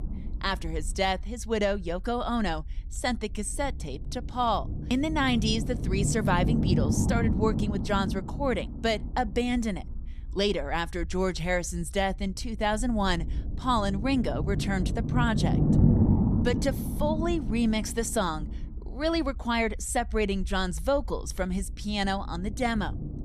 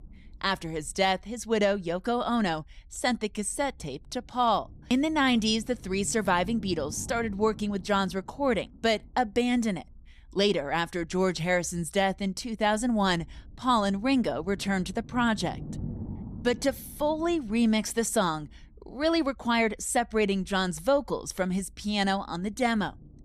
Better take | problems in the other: second | low rumble; loud; throughout; 8 dB below the speech; faint in the second

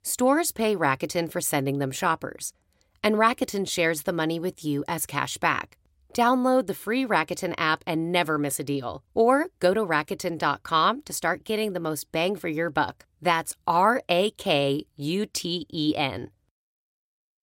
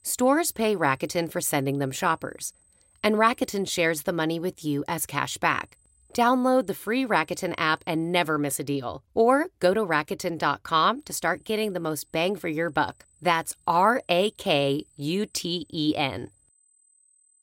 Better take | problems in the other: first | high-pitched whine; faint; until 4 s, from 5.5 to 8 s and from 11 s on; 8 kHz, 35 dB below the speech

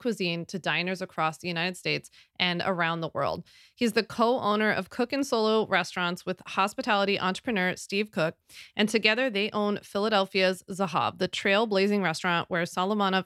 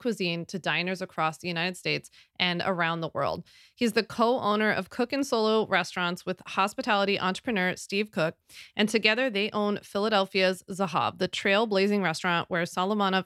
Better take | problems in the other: neither | none

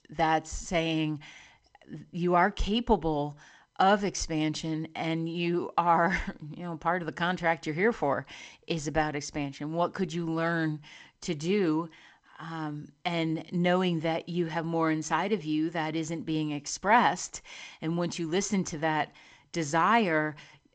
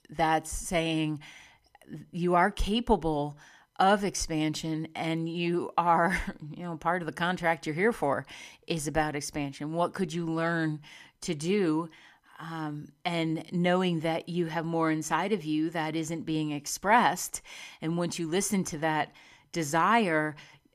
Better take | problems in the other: second | garbled, watery; slightly; nothing above 7.5 kHz

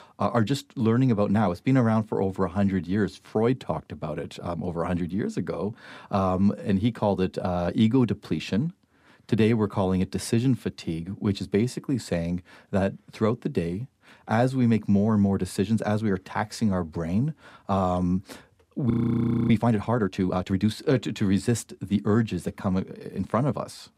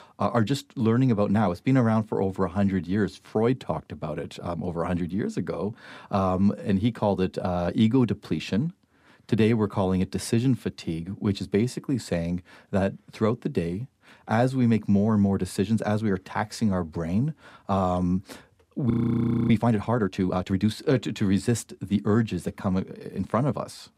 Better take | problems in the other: neither | audio freezing; at 19 s for 0.5 s; the same in both

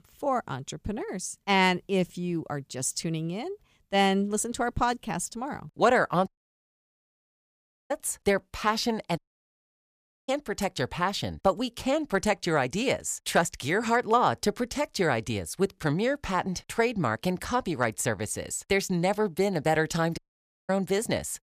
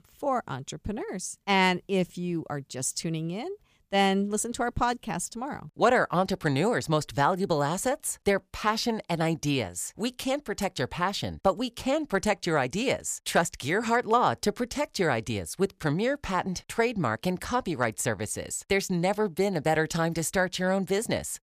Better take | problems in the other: second | audio cutting out; at 6.5 s for 1.5 s, at 9 s for 1 s and at 20 s for 0.5 s

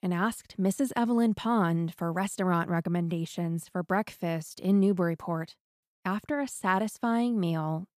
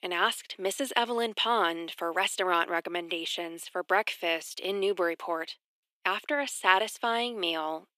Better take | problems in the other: first | thin; very; fading below 350 Hz

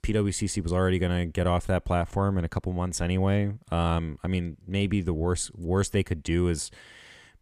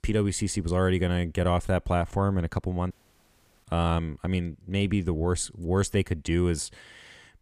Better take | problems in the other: first | audio cutting out; at 3 s for 0.5 s

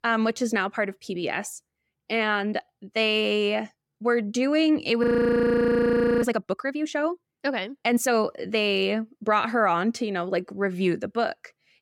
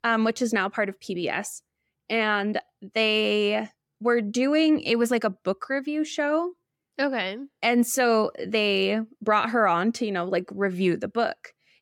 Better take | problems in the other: second | audio freezing; at 5 s for 1 s

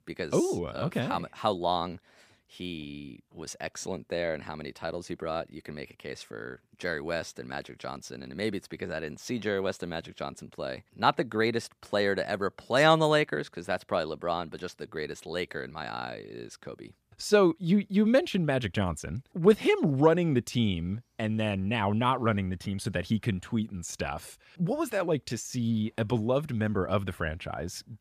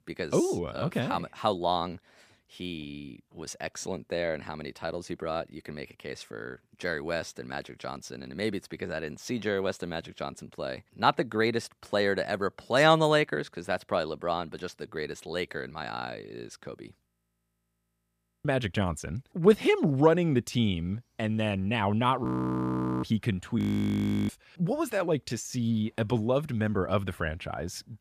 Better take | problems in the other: first | audio freezing; at 17 s for 1.5 s, at 22 s for 1 s and at 24 s for 0.5 s

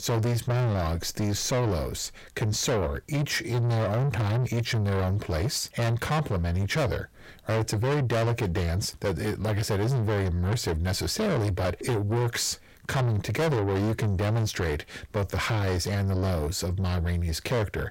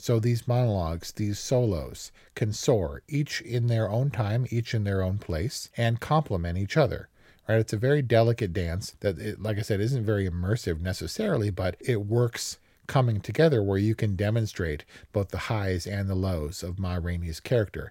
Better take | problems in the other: second | distortion; heavy; 5 dB below the speech

